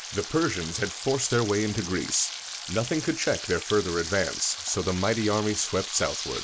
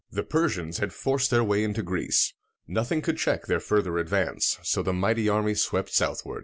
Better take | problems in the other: second | background sound (Frying (food)); 8 dB below the speech

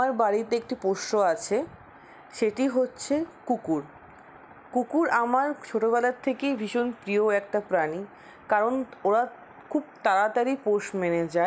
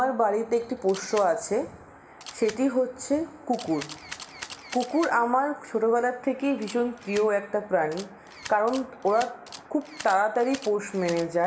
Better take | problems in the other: first | background sound (Camera); 19 dB below the speech // room echo; dies away in 0.8 s

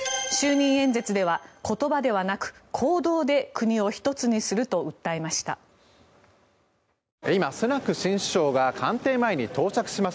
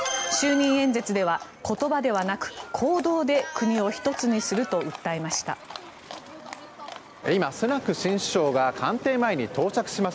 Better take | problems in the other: first | background sound (Livestock, farm animals, working animals); 14 dB below the speech

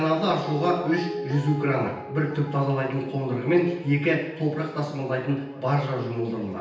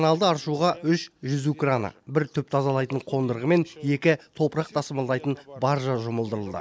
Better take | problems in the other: second | background sound (Guitar); 13 dB below the speech // room echo; dies away in 0.9 s

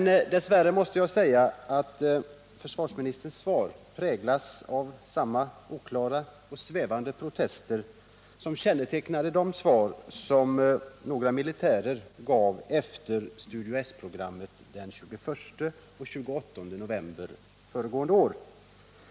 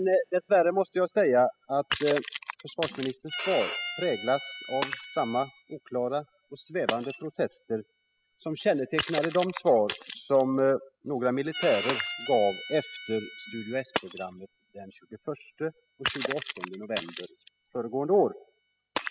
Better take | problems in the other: first | noise reduction (classical method spectral subtraction)

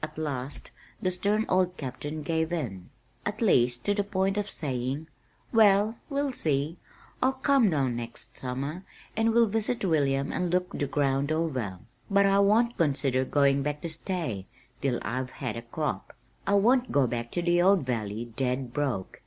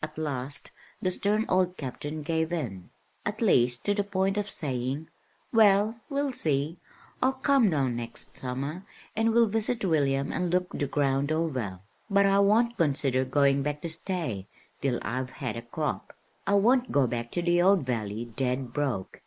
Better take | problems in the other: first | noise reduction (neural mask model Resemble Enhance denoiser)

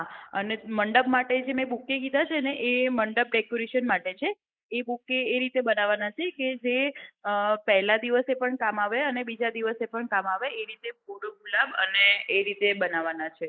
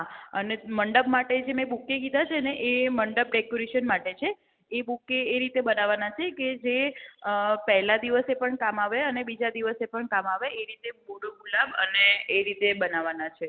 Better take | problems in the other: second | noise reduction (neural mask model Resemble Enhance denoiser)

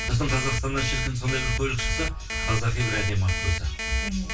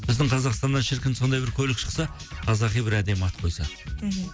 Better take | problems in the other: second | background sound (Alarm); 7 dB below the speech // room echo; dies away in 0.1 s

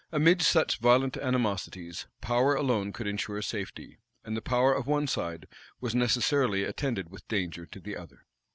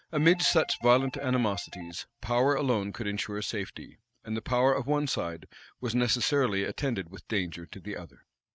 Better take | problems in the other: first | noise reduction (neural mask model RNNoise)

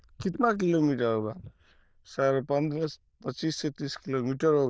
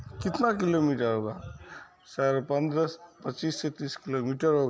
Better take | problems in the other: second | noise reduction (neural diffusion model UNIVERSE++)

